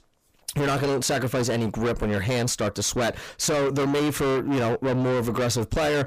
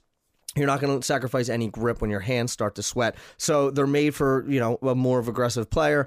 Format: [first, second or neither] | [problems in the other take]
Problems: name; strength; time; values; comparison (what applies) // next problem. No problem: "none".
second | distortion; heavy; 7 dB below the speech